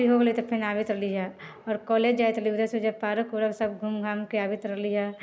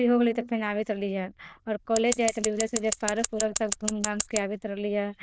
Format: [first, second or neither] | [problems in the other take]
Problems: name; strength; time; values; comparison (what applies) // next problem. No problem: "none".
first | noise reduction (neural diffusion model UNIVERSE++)